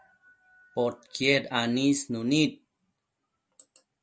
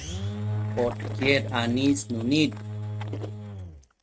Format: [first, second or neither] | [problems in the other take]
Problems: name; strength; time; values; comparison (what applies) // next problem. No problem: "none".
first | noise reduction (neural mask model RNNoise)